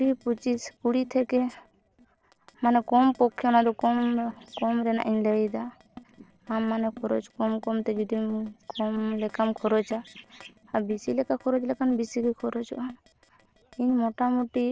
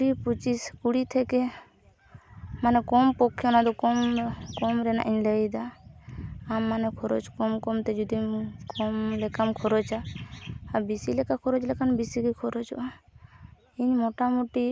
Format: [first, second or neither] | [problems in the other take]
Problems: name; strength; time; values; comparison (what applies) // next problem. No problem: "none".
second | noise reduction (neural separator model SepFormer DNS4)